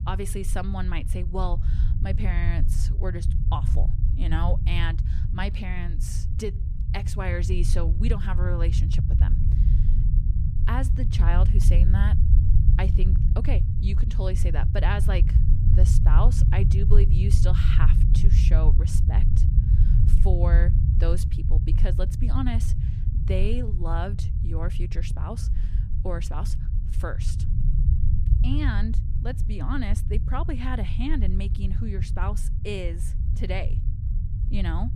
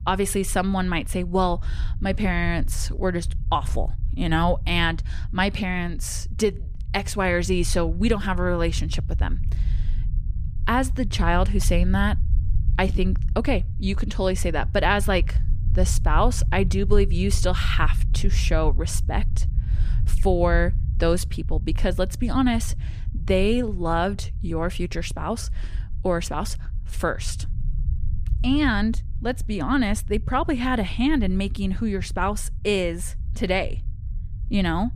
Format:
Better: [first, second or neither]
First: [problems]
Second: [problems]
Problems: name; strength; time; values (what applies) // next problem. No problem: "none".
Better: second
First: low rumble; loud; throughout; 5 dB below the speech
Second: low rumble; faint; throughout; 20 dB below the speech